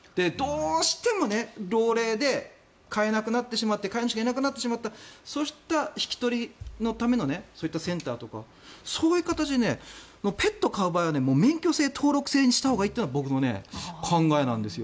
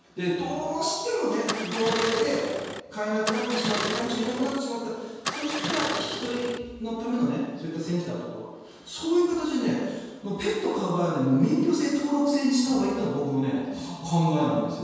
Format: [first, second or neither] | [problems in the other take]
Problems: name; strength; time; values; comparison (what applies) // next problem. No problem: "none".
first | background sound (Engine starting); 6 dB below the speech // room echo; dies away in 1.2 s